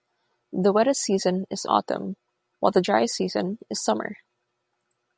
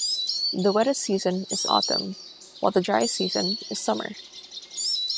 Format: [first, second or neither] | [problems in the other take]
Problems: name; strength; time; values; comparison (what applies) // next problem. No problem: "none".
first | background sound (Insect); 4 dB below the speech